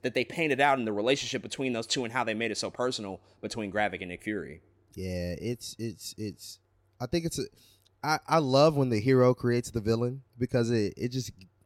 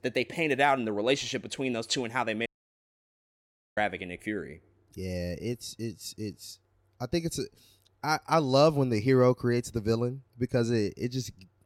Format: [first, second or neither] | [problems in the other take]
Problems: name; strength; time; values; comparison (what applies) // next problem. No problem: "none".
first | audio cutting out; at 2.5 s for 1.5 s